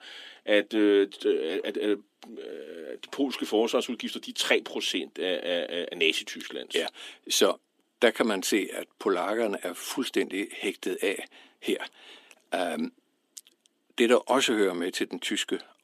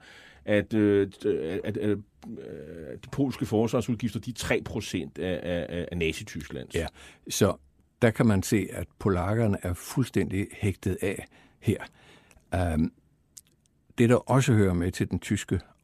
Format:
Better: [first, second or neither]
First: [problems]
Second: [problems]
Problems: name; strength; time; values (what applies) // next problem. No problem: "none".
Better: second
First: thin; somewhat; fading below 300 Hz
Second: none